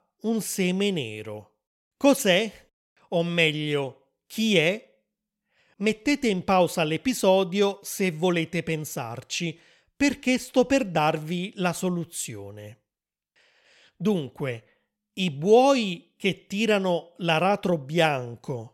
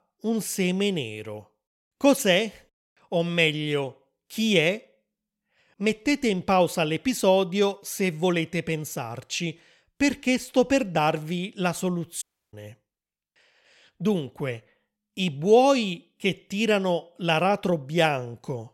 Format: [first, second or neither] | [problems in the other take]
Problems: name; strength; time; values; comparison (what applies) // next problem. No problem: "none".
first | audio cutting out; at 12 s